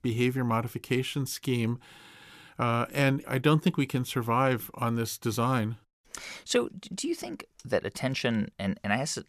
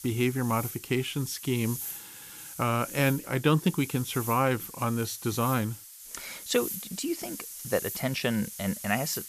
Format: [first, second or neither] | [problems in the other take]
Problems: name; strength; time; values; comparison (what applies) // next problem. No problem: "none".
first | hiss; loud; throughout; 10 dB below the speech